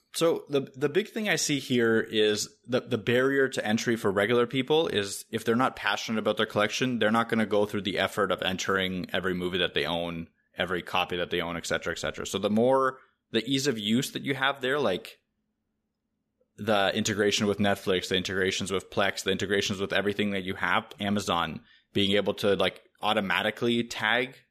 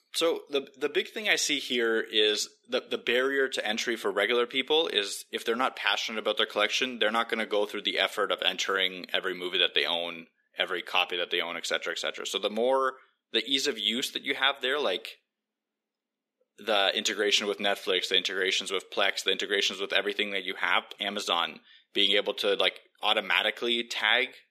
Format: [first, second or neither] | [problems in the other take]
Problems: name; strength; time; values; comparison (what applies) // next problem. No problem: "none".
first | thin; somewhat; fading below 300 Hz